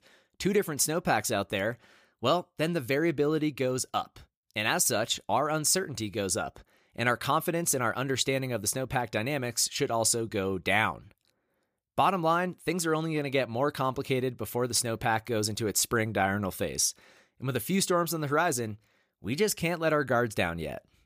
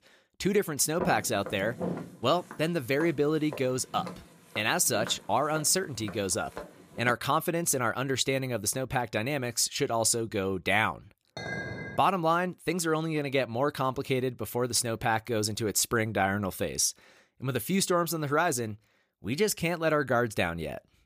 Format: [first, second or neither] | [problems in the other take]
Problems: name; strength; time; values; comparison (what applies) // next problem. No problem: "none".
first | footsteps; noticeable; from 1 to 7 s; peak 7 dB below the speech // clattering dishes; noticeable; at 11 s; peak 7 dB below the speech